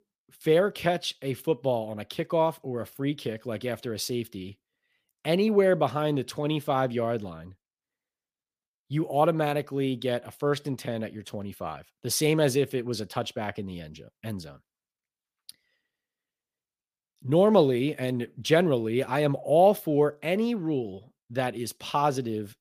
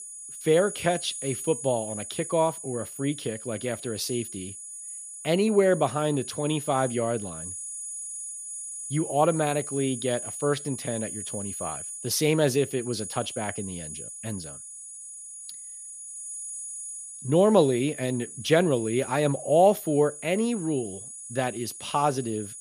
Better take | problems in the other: first | high-pitched whine; loud; throughout; 10 kHz, 10 dB below the speech

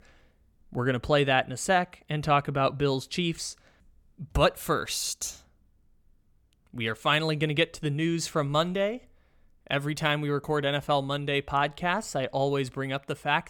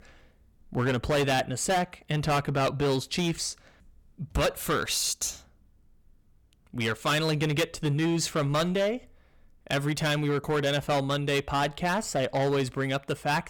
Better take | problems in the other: first | distortion; heavy; 11% of the sound clipped

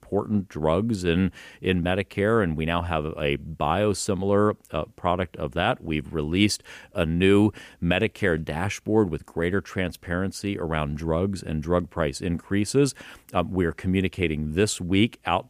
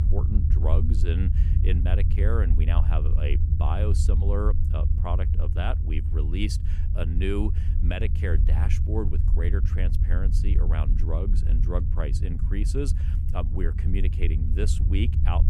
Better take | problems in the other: first | low rumble; loud; throughout; 6 dB below the speech

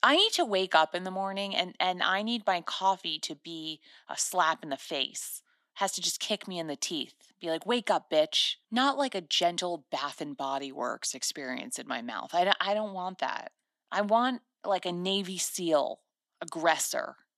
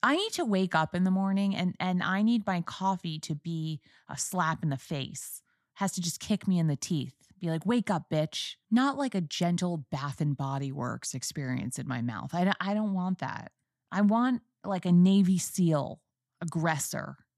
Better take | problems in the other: second | thin; very; fading below 300 Hz

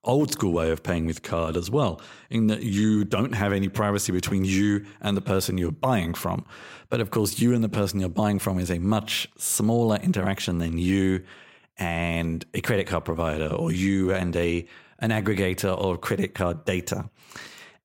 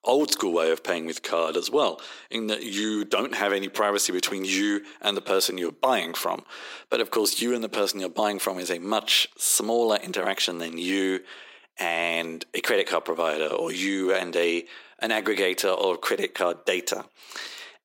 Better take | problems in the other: first | thin; somewhat; fading below 300 Hz

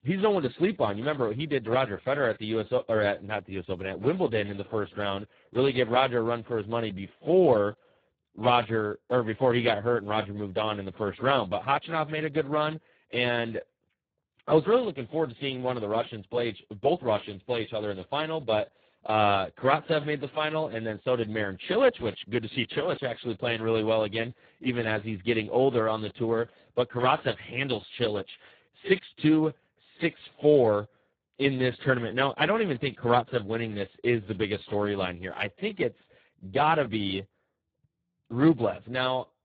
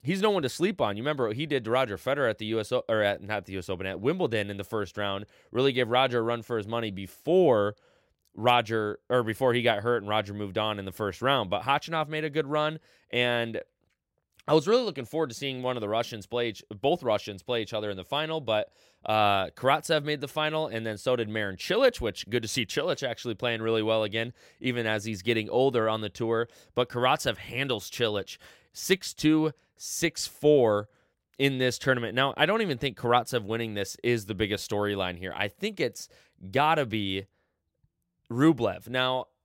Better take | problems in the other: second | garbled, watery; badly

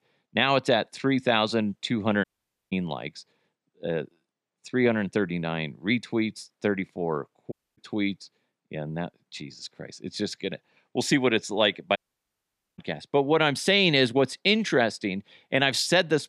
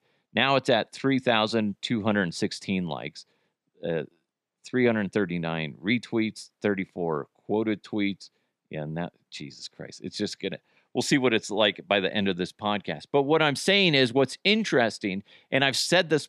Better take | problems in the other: second | audio cutting out; at 2 s, at 7.5 s and at 12 s for 1 s

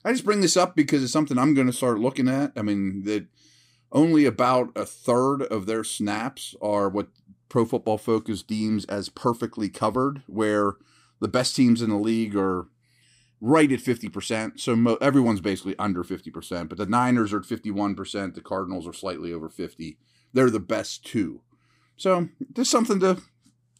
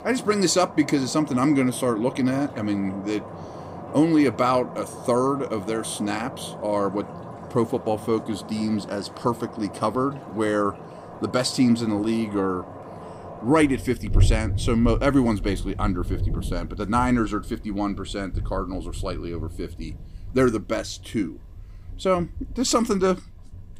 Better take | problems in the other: first | rain or running water; noticeable; throughout; 10 dB below the speech

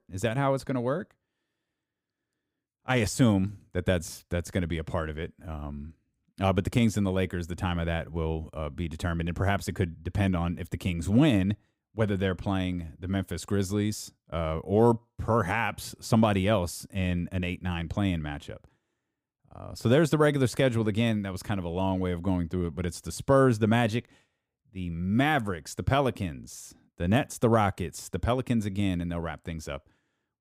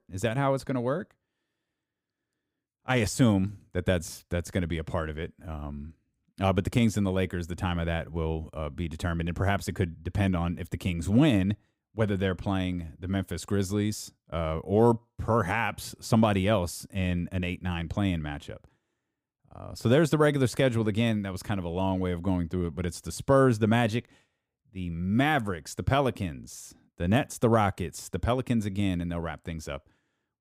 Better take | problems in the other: neither | none

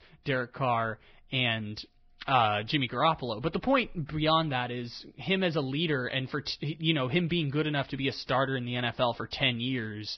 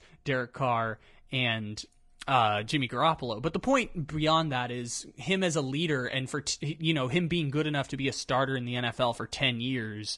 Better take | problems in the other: second | garbled, watery; badly; nothing above 5.5 kHz; slightly in the second

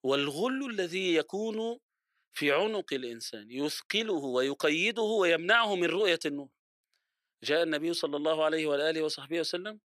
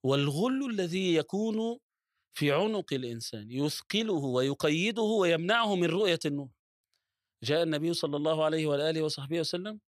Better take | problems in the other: second | thin; very slightly; fading below 350 Hz

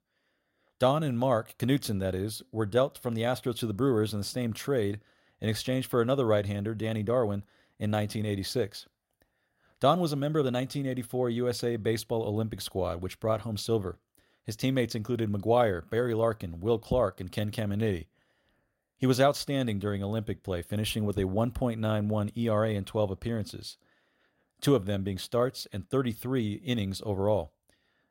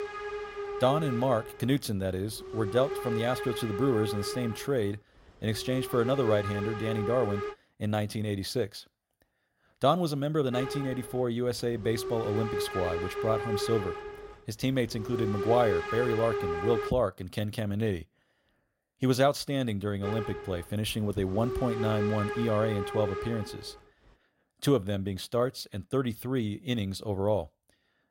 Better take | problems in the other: first | hiss; loud; until 7.5 s, from 11 to 17 s and from 20 to 24 s; 5 dB below the speech

